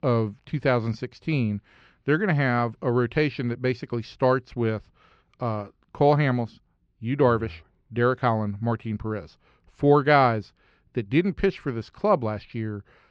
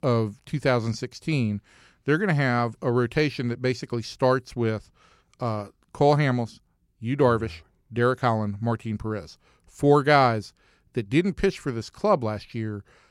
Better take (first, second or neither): second